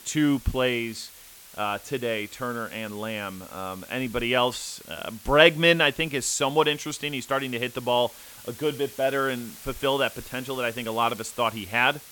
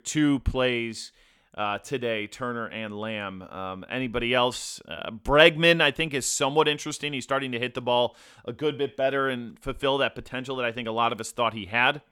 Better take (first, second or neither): second